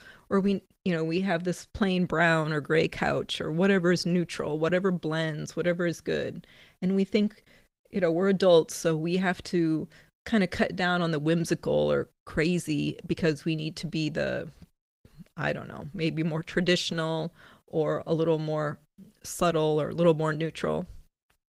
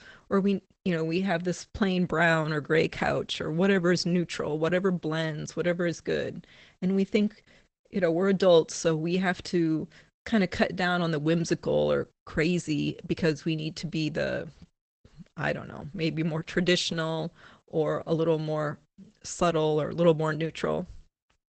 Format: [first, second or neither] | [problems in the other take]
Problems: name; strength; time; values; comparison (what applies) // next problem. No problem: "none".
first | garbled, watery; badly; nothing above 8 kHz; slightly in the first